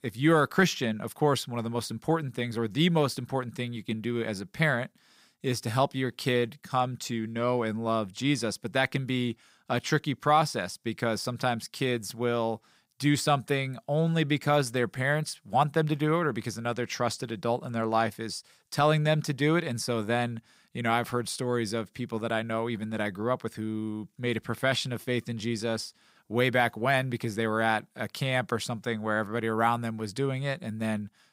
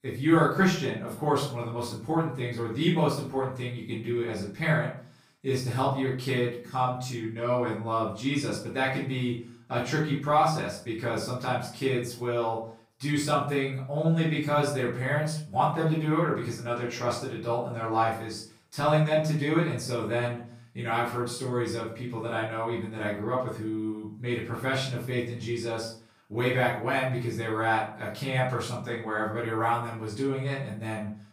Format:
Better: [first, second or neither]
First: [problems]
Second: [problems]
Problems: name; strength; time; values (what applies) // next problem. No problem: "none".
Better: first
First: none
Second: off-mic speech; far // room echo; noticeable; dies away in 0.4 s